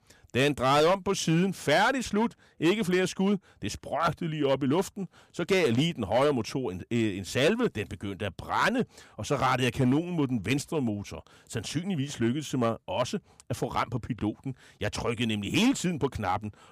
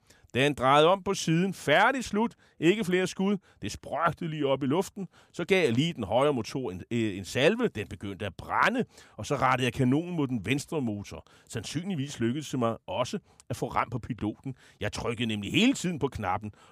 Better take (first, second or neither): second